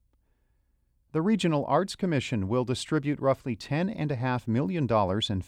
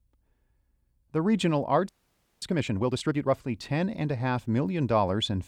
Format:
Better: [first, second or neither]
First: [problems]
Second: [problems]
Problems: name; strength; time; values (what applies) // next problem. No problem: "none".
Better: first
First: none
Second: audio freezing; at 2 s for 0.5 s